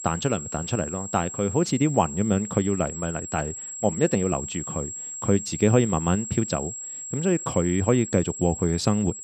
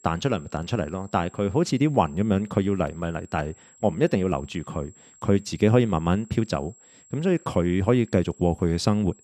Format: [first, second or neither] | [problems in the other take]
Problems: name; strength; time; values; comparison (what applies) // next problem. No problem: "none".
second | high-pitched whine; loud; throughout; 7.5 kHz, 8 dB below the speech; faint in the second